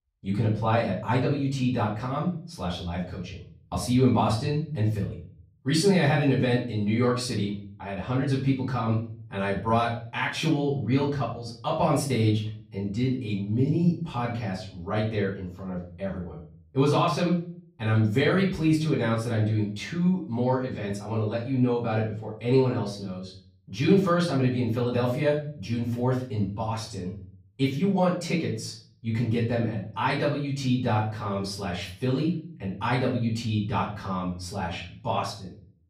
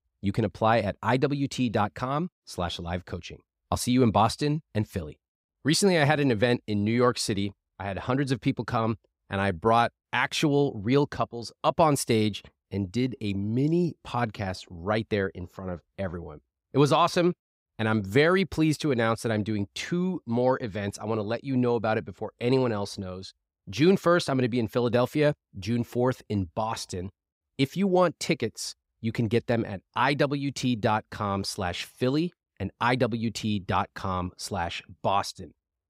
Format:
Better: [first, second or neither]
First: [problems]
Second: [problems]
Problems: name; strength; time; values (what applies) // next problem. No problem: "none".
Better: second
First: off-mic speech; far // room echo; slight; dies away in 0.5 s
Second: none